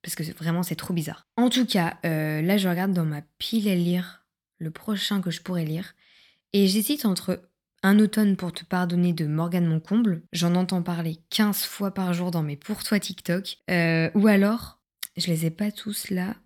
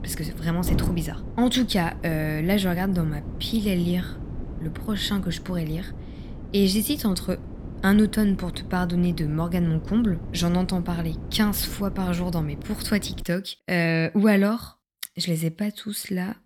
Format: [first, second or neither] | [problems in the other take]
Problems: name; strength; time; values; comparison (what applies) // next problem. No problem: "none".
first | wind noise on the microphone; occasional gusts; until 13 s; 15 dB below the speech